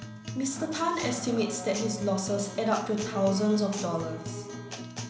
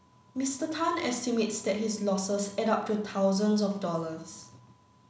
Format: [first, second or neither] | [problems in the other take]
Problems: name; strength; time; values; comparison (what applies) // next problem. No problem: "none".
second | background sound (Acoustic guitar); 8 dB below the speech